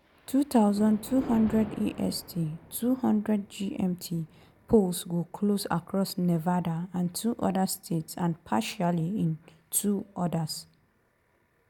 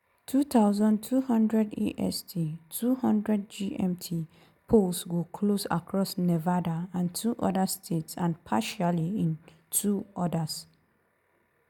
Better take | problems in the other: second | background sound (Thunder); 20 dB below the speech

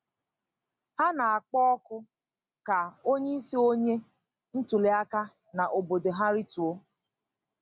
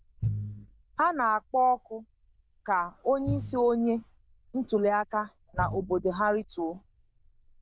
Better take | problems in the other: first | noise reduction (neural diffusion model UNIVERSE++)

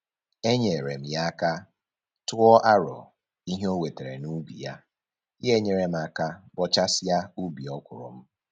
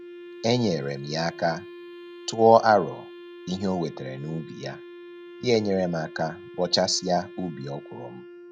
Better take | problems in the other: first | background sound (Wind instrument, woodwind instrument); 16 dB below the speech

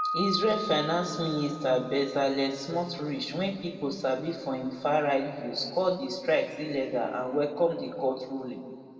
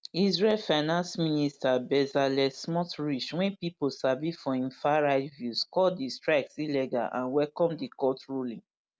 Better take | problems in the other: second | background sound (Piano); 12 dB below the speech // room echo; dies away in 1.9 s

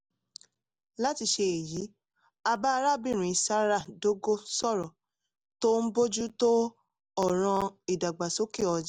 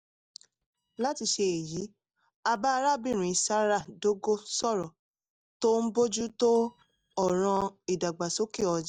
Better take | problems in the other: first | noise reduction (neural mask model DeepFilterNet 3)

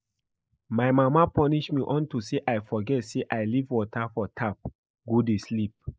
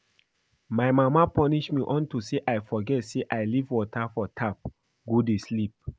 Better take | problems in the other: second | noise reduction (neural mask model Resemble Enhance denoiser)

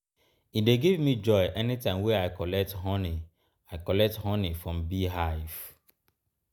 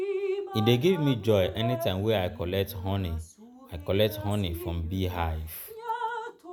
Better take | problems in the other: first | background sound (Drip); 8 dB below the speech

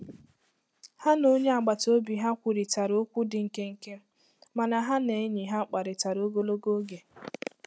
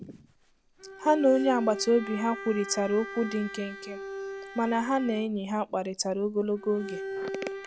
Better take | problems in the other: first | background sound (Bowed string instrument); 11 dB below the speech

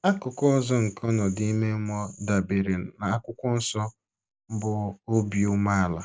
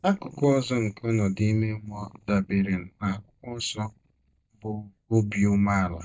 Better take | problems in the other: first | noise reduction (neural mask model DeepFilterNet 3)

